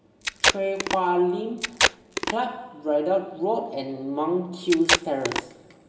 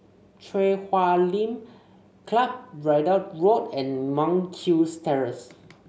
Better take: second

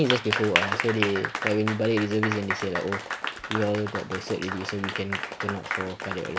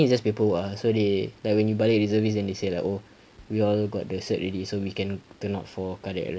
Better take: second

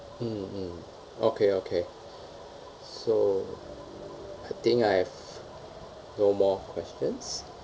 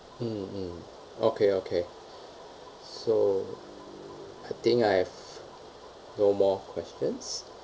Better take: second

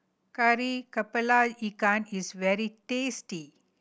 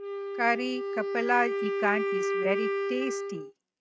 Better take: first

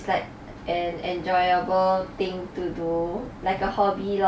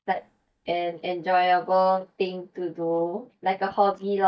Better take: first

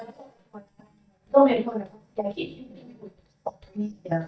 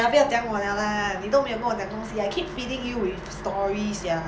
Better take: second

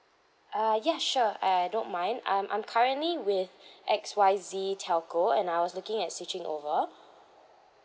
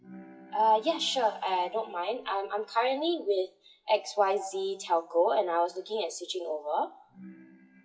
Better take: first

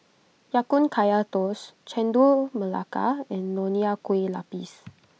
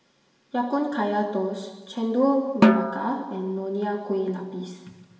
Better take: first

